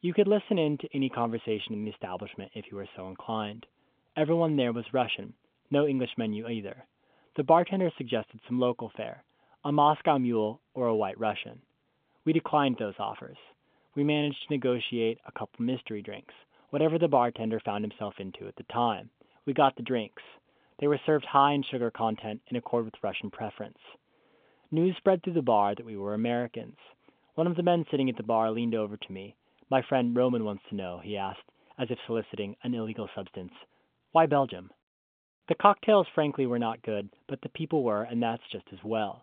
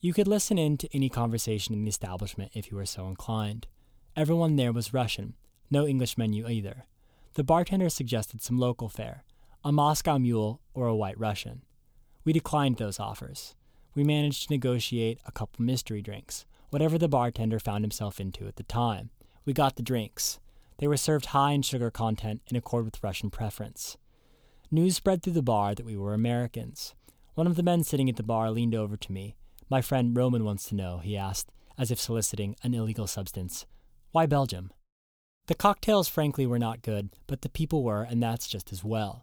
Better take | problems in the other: second | phone-call audio; nothing above 3.5 kHz

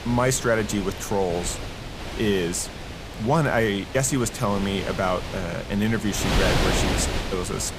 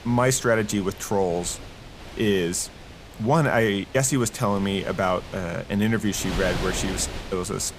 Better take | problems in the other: second | wind noise on the microphone; heavy; 5 dB below the speech; occasional gusts in the second

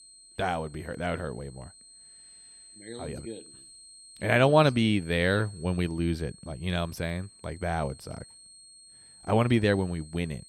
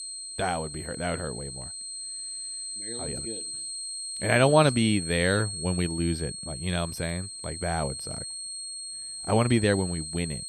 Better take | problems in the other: first | high-pitched whine; loud; throughout; 8 kHz, 7 dB below the speech; faint in the first

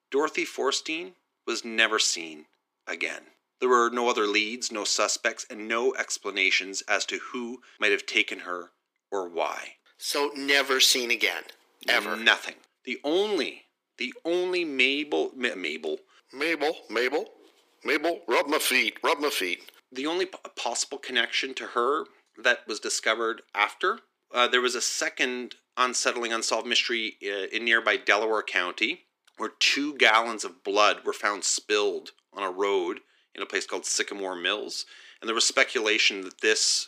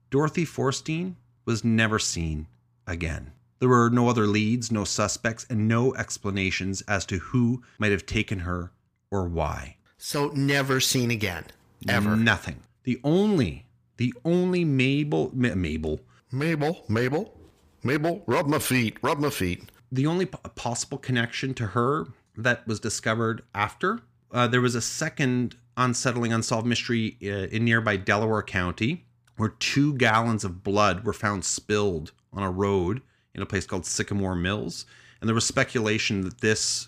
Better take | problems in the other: second | thin; very; fading below 350 Hz

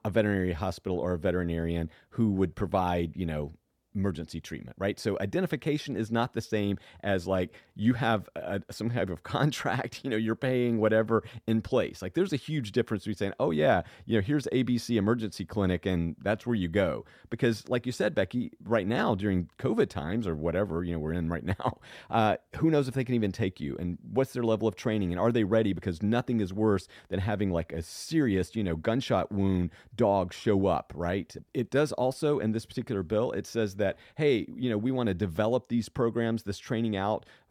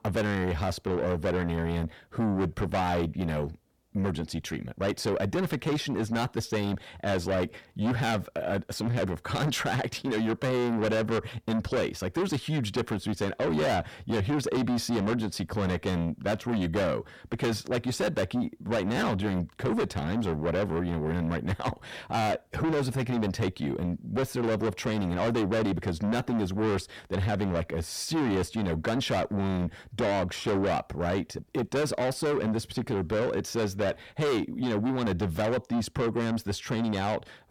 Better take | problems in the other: first | distortion; heavy; 6 dB below the speech

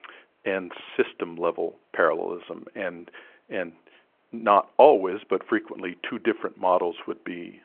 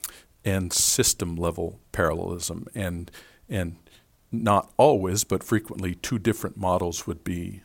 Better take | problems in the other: second | phone-call audio

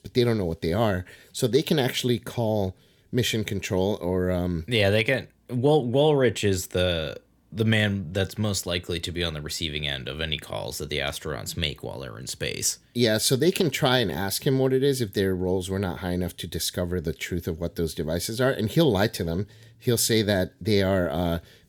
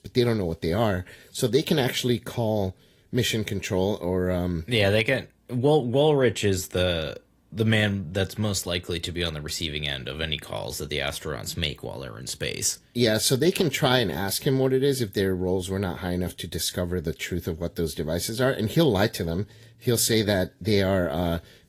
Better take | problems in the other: first | garbled, watery; slightly

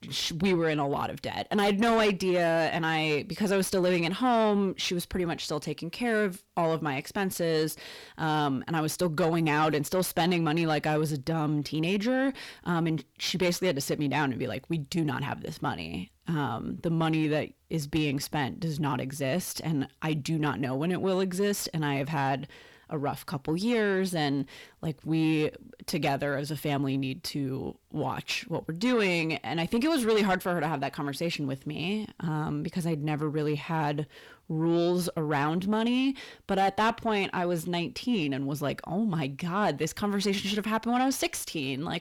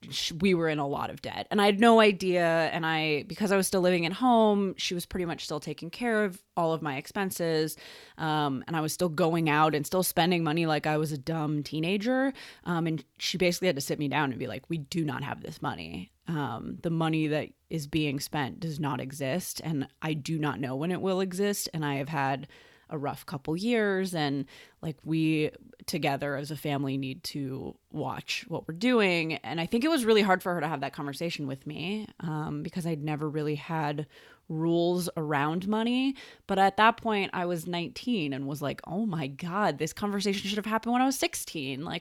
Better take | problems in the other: second | distortion; slight; 10 dB below the speech

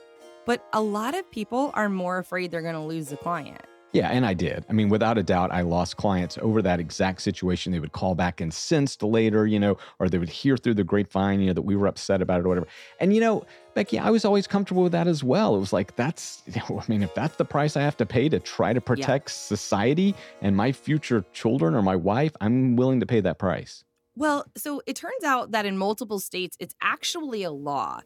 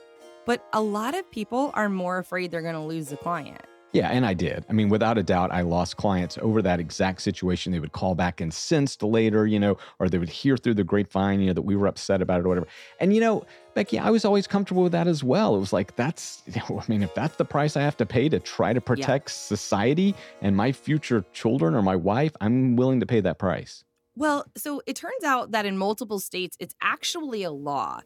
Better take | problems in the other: neither | background music; faint; throughout; 25 dB below the speech; the same in both

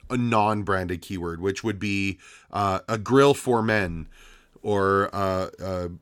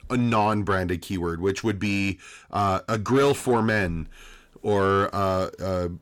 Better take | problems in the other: first | distortion; slight; 10 dB below the speech

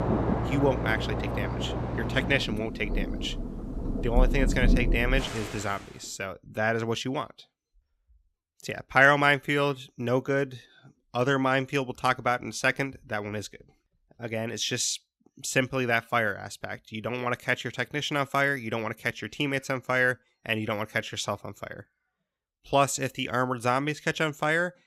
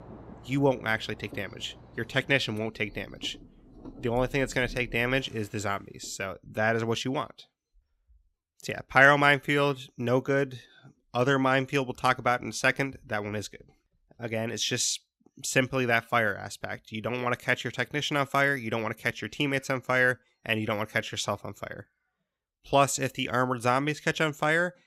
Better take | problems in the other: second | rain or running water; loud; until 5.5 s; 3 dB below the speech; faint in the second

